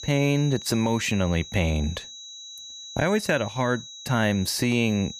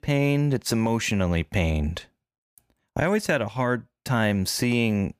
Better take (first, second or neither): second